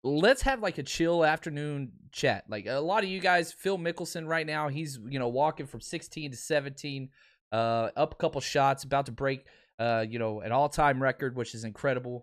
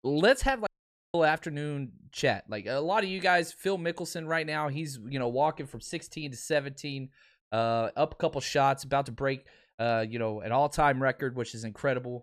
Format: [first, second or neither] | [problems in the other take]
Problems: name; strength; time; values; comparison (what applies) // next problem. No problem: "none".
first | audio cutting out; at 0.5 s